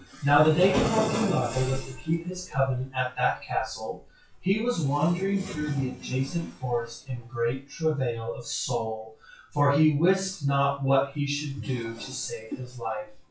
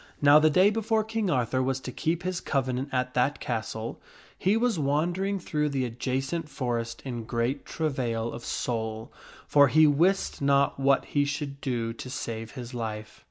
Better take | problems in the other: second | noise reduction (classical method WPE with log-MMSE)

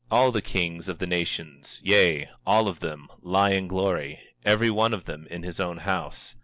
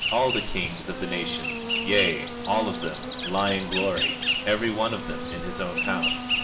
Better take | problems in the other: first | background sound (Insect); 2 dB below the speech // room echo; dies away in 0.7 s

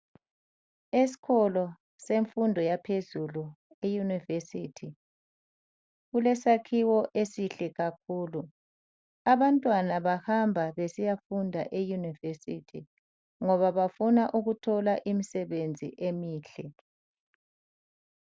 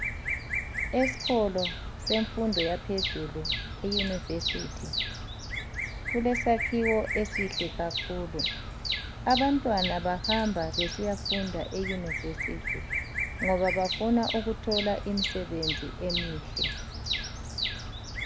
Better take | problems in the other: first | background sound (Bird vocalization, bird call, bird song); 2 dB below the speech

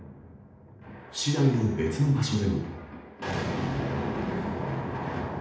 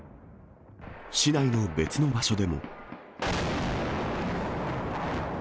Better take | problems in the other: second | room echo; dies away in 0.8 s

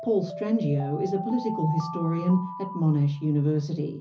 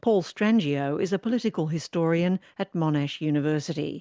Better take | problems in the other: second | background sound (Alarm); 12 dB below the speech // room echo; dies away in 0.5 s

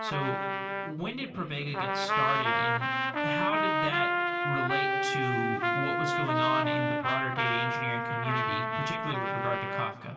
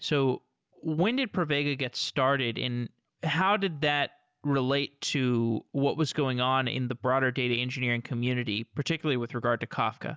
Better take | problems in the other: second | background sound (Trumpet); 5 dB above the speech // room echo; dies away in 2.6 s

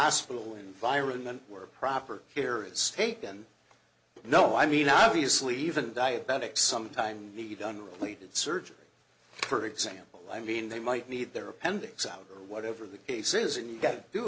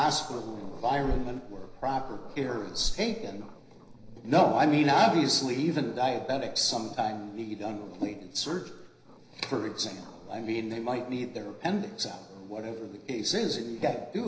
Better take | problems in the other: first | background sound (Growling); 12 dB below the speech // room echo; dies away in 0.9 s

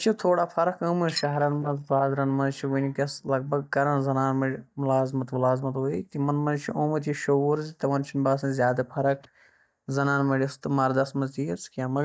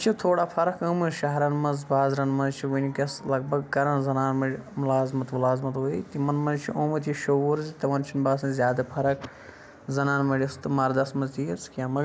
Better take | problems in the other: second | noise reduction (neural mask model DeepFilterNet 3)

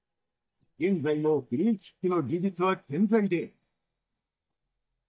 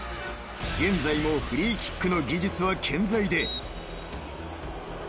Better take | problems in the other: second | noise reduction (neural mask model DeepFilterNet 3)

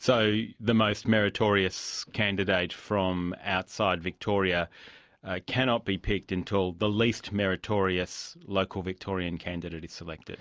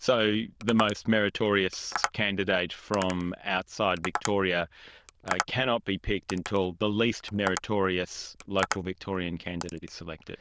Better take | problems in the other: first | noise reduction (neural diffusion model UNIVERSE++)

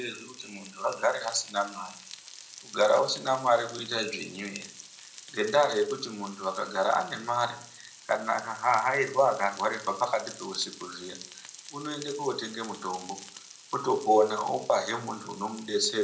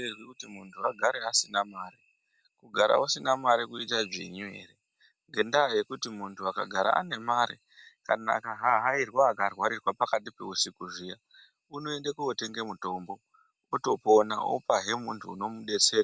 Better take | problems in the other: second | background sound (Frying (food)); 17 dB below the speech // room echo; dies away in 0.5 s

